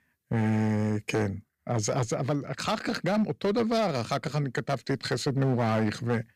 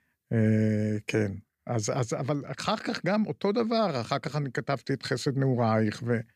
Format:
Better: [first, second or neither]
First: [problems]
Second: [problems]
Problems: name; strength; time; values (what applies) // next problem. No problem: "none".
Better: second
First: distortion; slight; 9% of the sound clipped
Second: none